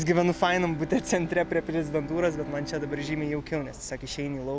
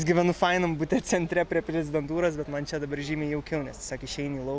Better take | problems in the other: second | background sound (Bowed string instrument); 14 dB below the speech

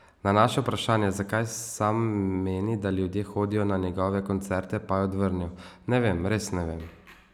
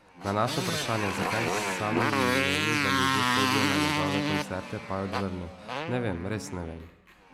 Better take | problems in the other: first | background sound (Motorcycle); 3 dB above the speech

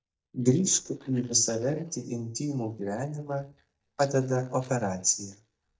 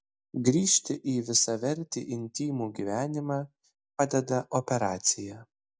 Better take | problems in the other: second | noise reduction (neural mask model DeepFilterNet 3)

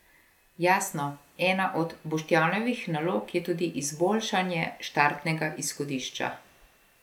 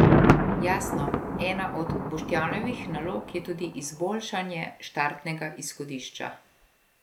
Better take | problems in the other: first | background sound (Thunder); 5 dB above the speech

